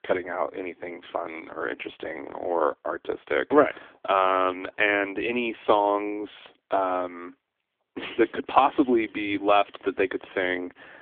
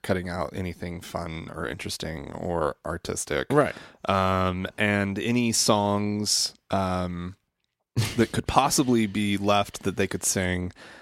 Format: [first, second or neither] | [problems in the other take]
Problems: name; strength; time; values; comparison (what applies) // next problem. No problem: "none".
second | phone-call audio; poor line; nothing above 3.5 kHz